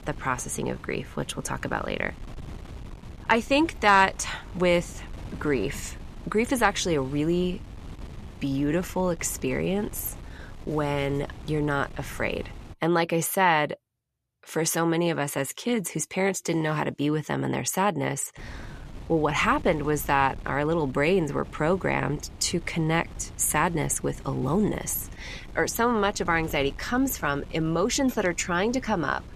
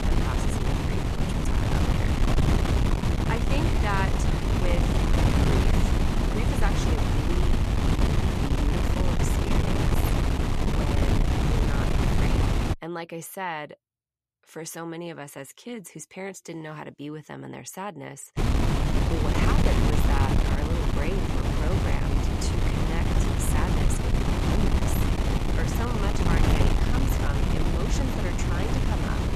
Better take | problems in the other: first | wind noise on the microphone; heavy; until 13 s and from 18 s on; 5 dB above the speech; occasional gusts in the first

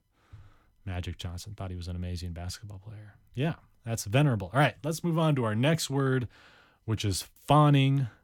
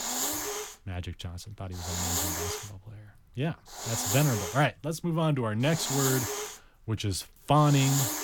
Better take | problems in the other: first | hiss; loud; throughout; 2 dB below the speech

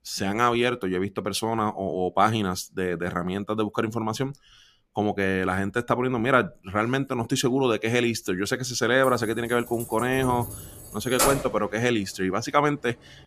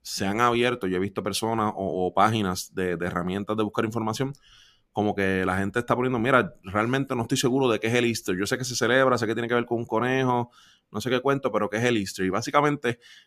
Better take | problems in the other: second | jangling keys; loud; from 9 to 11 s; peak 1 dB above the speech

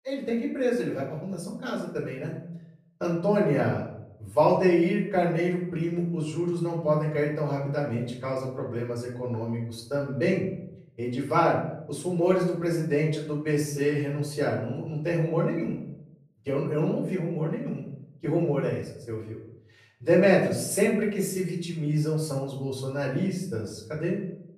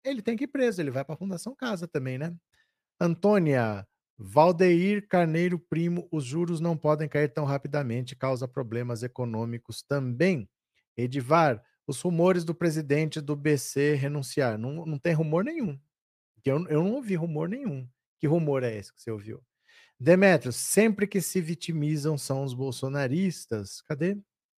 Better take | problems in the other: second | off-mic speech; far // room echo; noticeable; dies away in 0.6 s

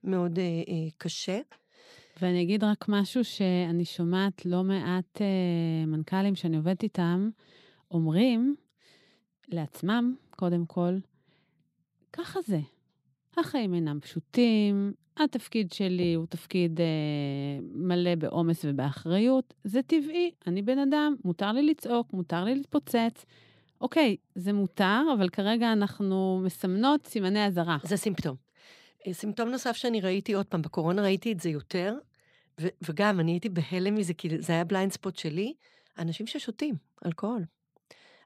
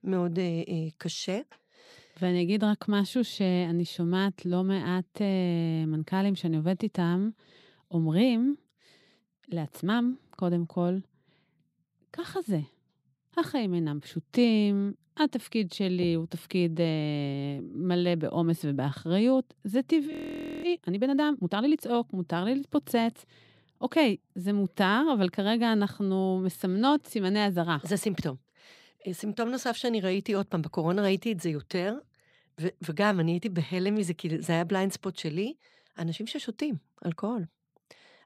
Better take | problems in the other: first | audio freezing; at 20 s for 0.5 s

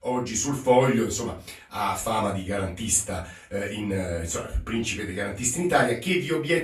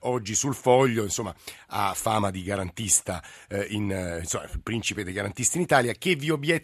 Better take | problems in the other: second | off-mic speech; far // room echo; very slight; dies away in 0.3 s

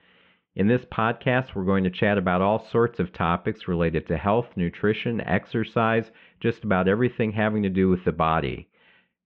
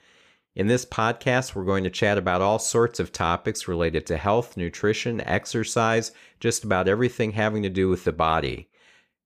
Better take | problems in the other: second | muffled; very slightly; fading above 3 kHz

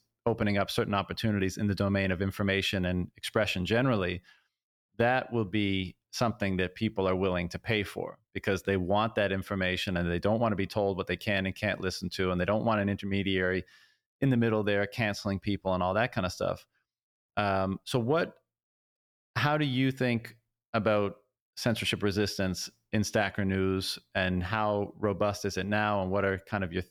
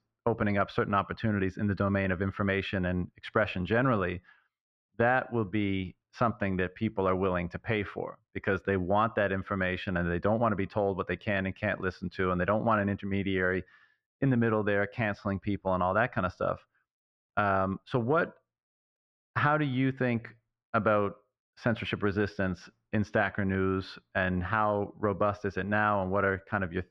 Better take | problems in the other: first | muffled; very; fading above 2 kHz

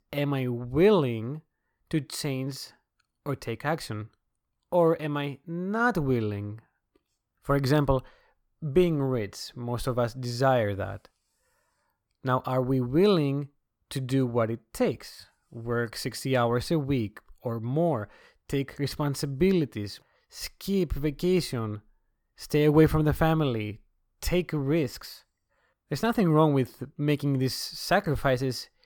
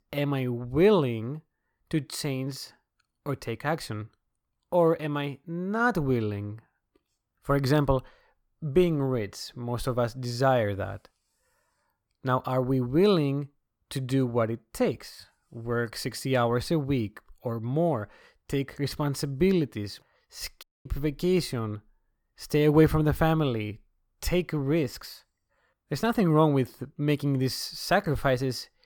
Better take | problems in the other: first | audio cutting out; at 21 s

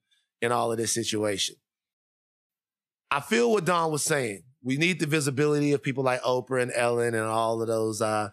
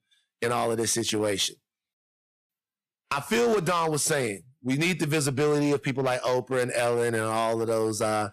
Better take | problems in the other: first | distortion; slight; 9% of the sound clipped

